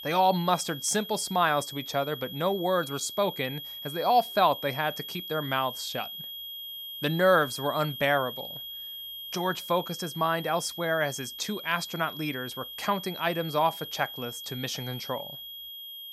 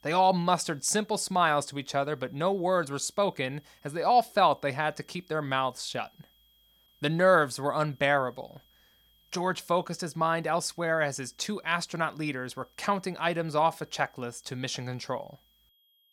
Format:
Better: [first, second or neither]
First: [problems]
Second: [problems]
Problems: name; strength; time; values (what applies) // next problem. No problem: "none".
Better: second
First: high-pitched whine; loud; throughout; 3.5 kHz, 9 dB below the speech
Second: high-pitched whine; faint; throughout; 3.5 kHz, 35 dB below the speech